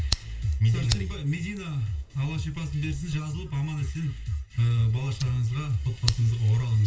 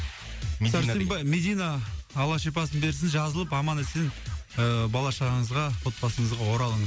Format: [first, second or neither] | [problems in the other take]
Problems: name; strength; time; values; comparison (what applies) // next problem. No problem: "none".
second | background sound (Fire); 12 dB below the speech // room echo; dies away in 0.2 s